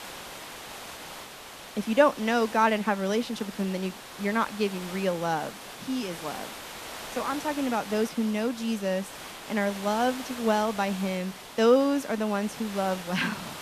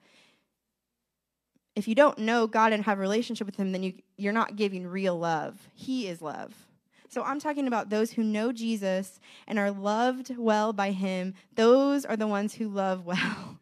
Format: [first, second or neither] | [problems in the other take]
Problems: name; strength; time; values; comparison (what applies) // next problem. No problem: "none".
second | hiss; noticeable; throughout; 10 dB below the speech